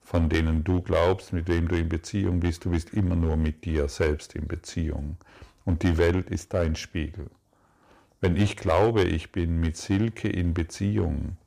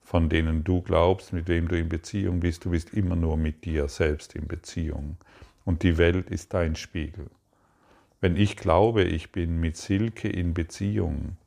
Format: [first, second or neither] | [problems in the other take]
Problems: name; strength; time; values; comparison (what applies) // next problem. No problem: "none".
second | distortion; slight; 2% of the sound clipped